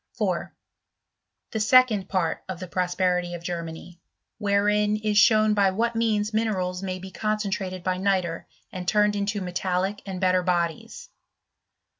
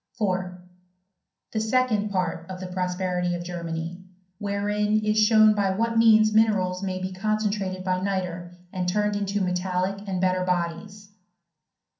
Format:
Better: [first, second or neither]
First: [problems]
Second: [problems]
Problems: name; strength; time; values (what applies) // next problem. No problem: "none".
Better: first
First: none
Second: room echo; dies away in 0.6 s